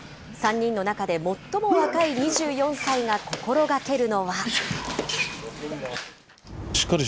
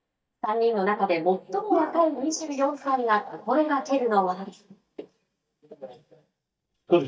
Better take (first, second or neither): first